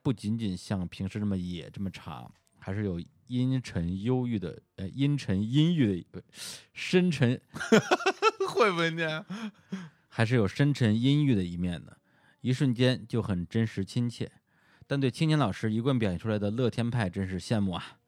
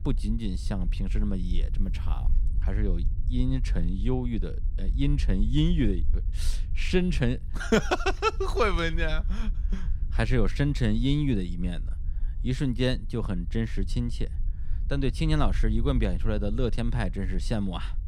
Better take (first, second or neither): first